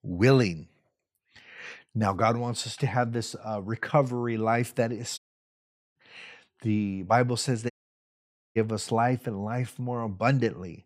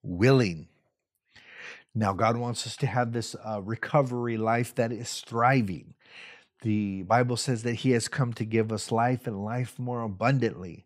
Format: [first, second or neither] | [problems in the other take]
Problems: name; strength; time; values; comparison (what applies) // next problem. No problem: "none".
second | audio cutting out; at 5 s for 1 s and at 7.5 s for 1 s